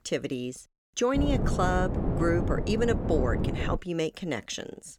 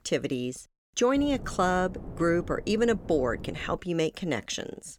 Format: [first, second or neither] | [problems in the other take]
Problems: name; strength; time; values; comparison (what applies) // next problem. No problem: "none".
second | wind noise on the microphone; heavy; from 1 to 4 s; 6 dB below the speech; occasional gusts in the second